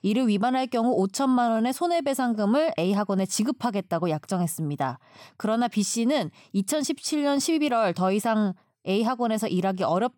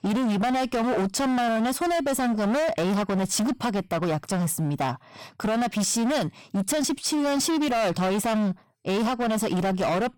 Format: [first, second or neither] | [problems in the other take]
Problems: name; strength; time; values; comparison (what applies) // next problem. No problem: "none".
first | distortion; heavy; 36% of the sound clipped